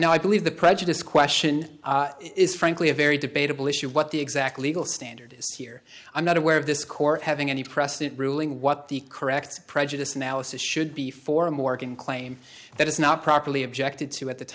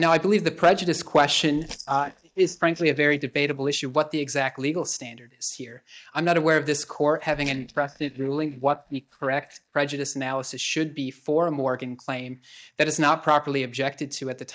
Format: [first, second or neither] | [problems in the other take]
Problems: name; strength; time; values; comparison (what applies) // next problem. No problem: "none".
first | noise reduction (neural mask model DeepFilterNet 3)